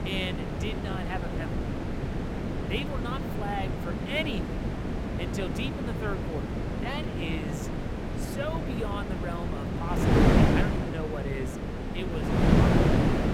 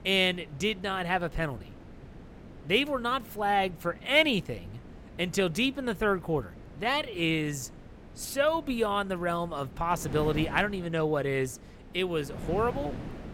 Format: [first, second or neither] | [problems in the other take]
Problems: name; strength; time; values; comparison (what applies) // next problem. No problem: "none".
second | wind noise on the microphone; heavy; 3 dB above the speech; occasional gusts in the second